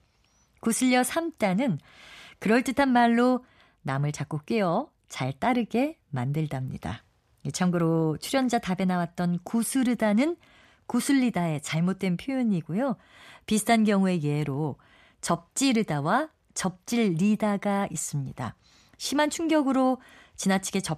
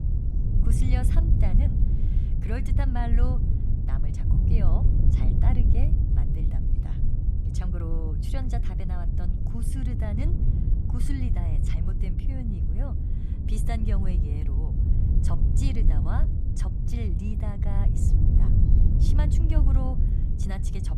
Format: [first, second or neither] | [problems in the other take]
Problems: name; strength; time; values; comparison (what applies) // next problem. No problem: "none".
first | wind noise on the microphone; heavy; as loud as the speech